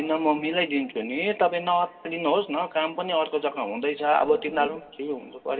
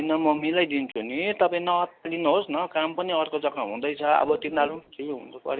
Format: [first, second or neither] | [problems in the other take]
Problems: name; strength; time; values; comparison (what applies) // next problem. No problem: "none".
second | room echo; dies away in 1.9 s